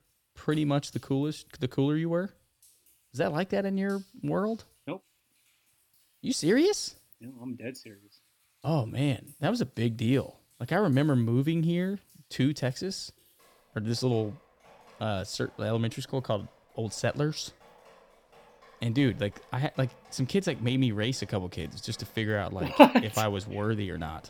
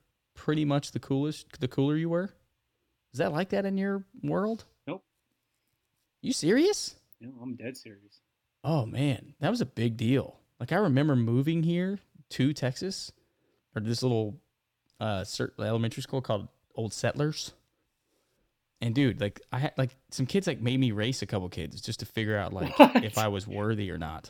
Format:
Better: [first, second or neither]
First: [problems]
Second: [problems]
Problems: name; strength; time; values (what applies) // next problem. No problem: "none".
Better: second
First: rain or running water; faint; throughout; 30 dB below the speech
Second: none